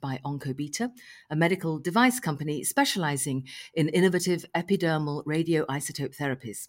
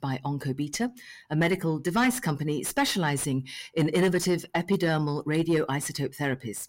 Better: first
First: none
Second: distortion; slight; 10 dB below the speech

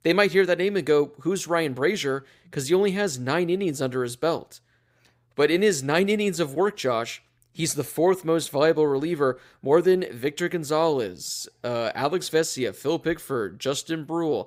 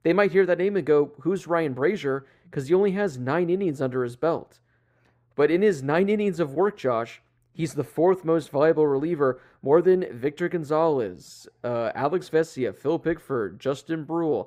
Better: first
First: none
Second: muffled; slightly; fading above 2.5 kHz

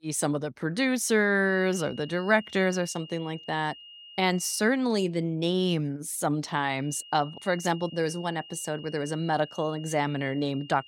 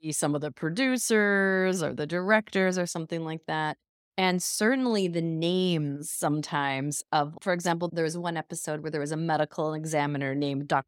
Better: second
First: high-pitched whine; noticeable; from 1.5 to 4.5 s and from 7 s on; 3 kHz, 20 dB below the speech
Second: none

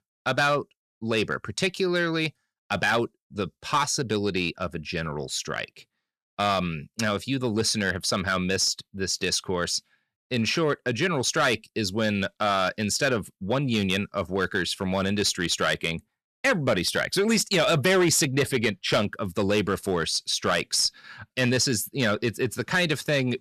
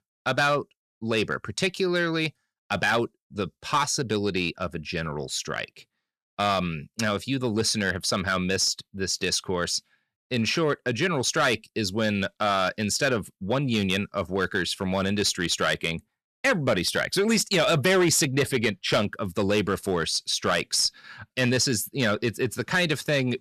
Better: neither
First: distortion; slight; 3% of the sound clipped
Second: distortion; slight; 3% of the sound clipped

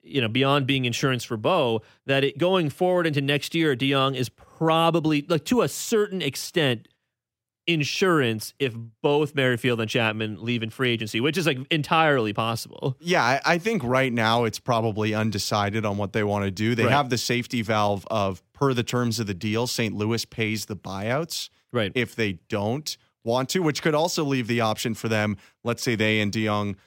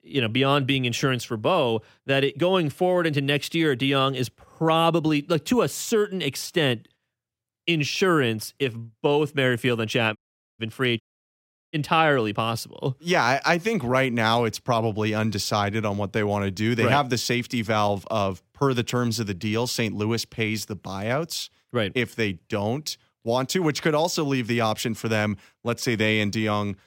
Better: first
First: none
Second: audio cutting out; at 10 s and at 11 s for 0.5 s

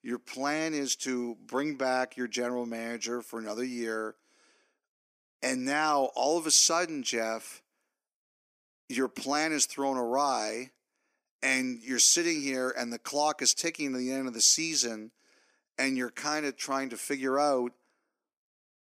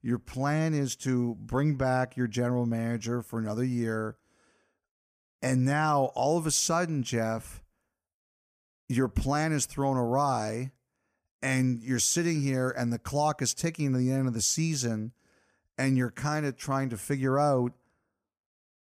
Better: second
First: thin; very slightly; fading below 300 Hz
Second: none

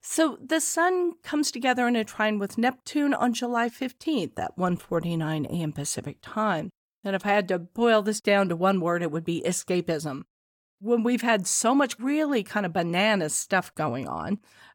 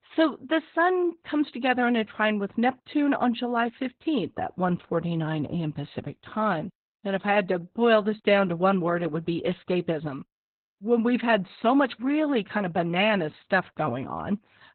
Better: first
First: none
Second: garbled, watery; badly; nothing above 4 kHz

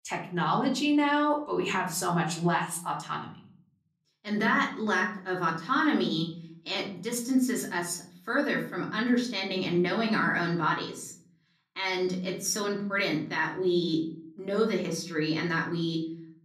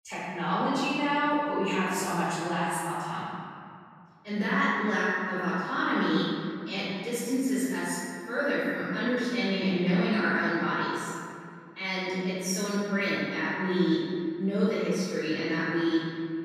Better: first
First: room echo; slight; dies away in 0.5 s // off-mic speech; far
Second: room echo; strong; dies away in 2.2 s // off-mic speech; far

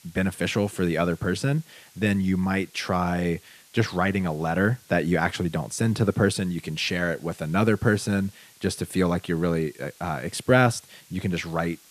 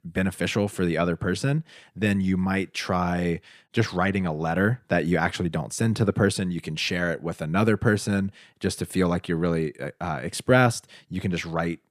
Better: second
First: hiss; faint; throughout; 25 dB below the speech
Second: none

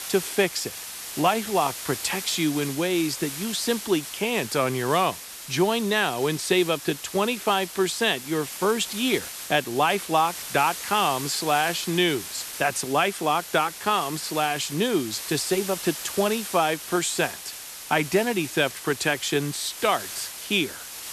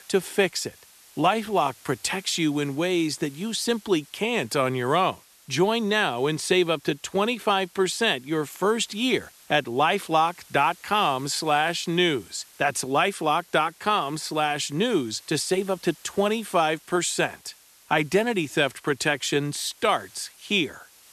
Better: second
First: hiss; loud; throughout; 9 dB below the speech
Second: hiss; faint; throughout; 25 dB below the speech

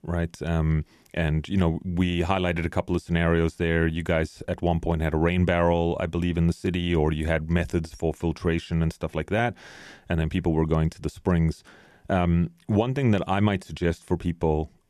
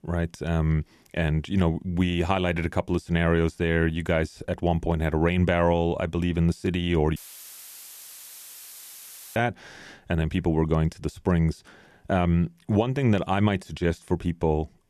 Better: first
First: none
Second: audio cutting out; filled with static; at 7 s for 2 s

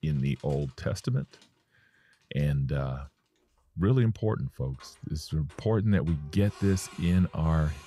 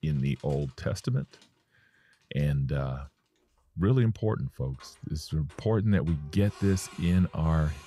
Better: neither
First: household noises; faint; throughout; 25 dB below the speech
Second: household noises; faint; throughout; 25 dB below the speech

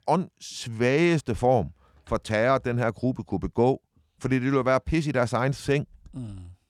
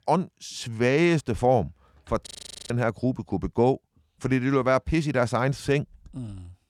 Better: first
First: none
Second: audio freezing; at 2.5 s

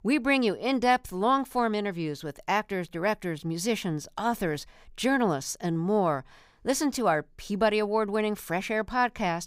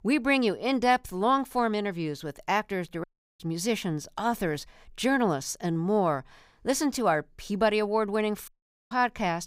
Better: first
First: none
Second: audio cutting out; at 3 s and at 8.5 s

